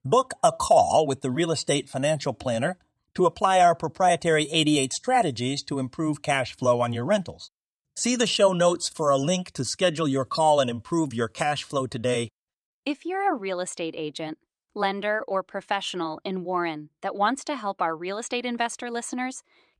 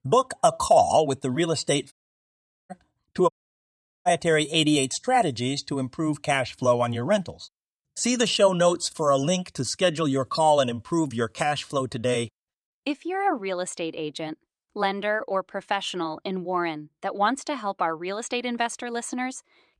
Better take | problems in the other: first | audio cutting out; at 2 s for 1 s and at 3.5 s for 1 s

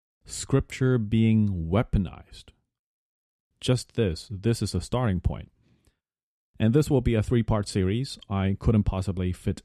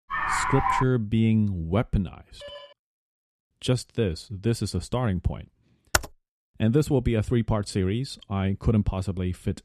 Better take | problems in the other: first | dog barking; loud; at the start; peak 1 dB above the speech // phone ringing; faint; at 2.5 s; peak 15 dB below the speech // keyboard typing; very faint; at 6 s; peak level with the speech

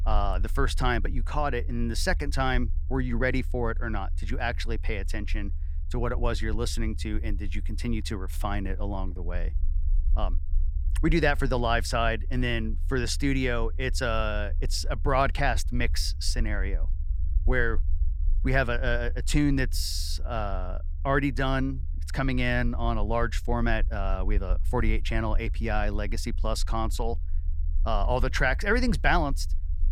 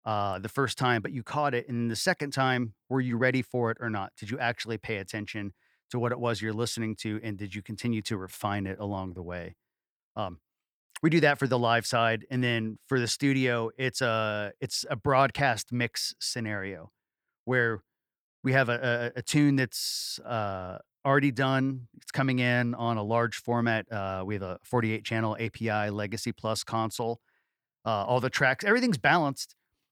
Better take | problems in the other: second | low rumble; faint; throughout; 25 dB below the speech

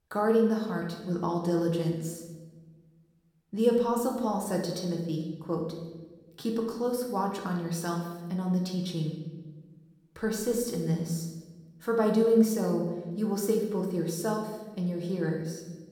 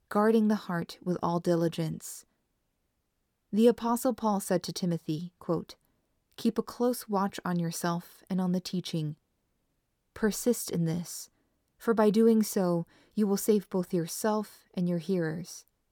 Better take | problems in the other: second | room echo; noticeable; dies away in 1 s // off-mic speech; somewhat distant

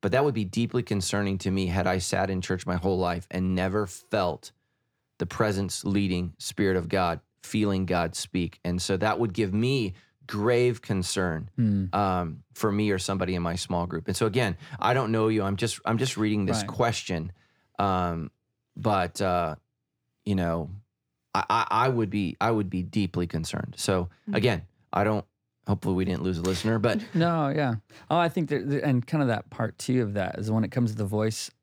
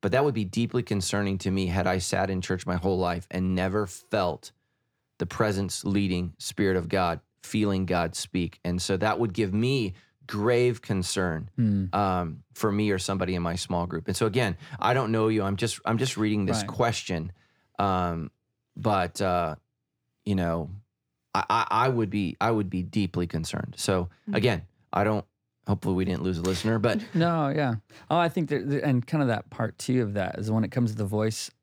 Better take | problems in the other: neither | none

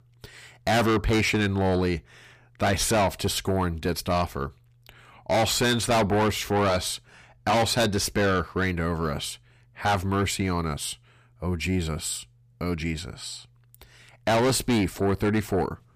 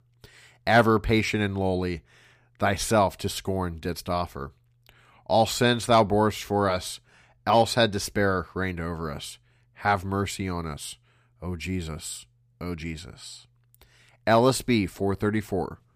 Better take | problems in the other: second | distortion; heavy; 6 dB below the speech

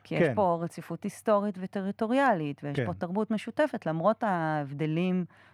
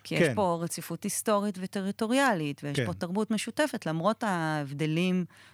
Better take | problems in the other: second | muffled; very; fading above 3 kHz

